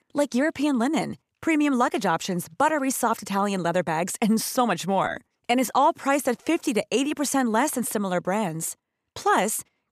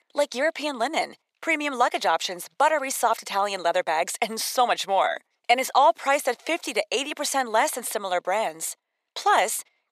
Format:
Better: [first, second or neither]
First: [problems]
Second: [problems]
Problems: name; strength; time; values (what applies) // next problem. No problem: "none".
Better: first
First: none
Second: thin; very; fading below 550 Hz